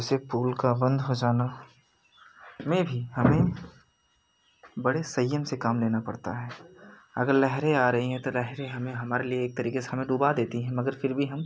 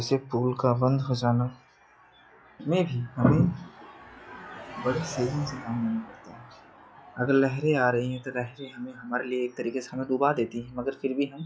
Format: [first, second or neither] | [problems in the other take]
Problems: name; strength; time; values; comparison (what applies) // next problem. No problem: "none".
first | noise reduction (classical method log-MMSE)